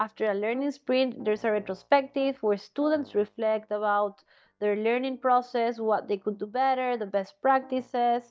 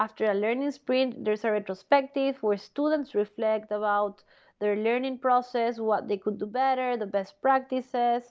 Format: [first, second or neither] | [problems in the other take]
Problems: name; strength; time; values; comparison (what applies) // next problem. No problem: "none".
second | noise reduction (neural mask model DeepFilterNet 3)